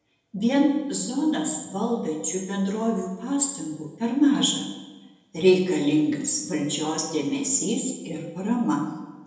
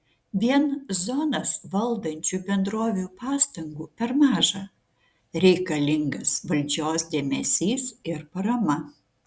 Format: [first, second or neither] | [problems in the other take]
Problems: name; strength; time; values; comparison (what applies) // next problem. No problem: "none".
second | room echo; dies away in 0.9 s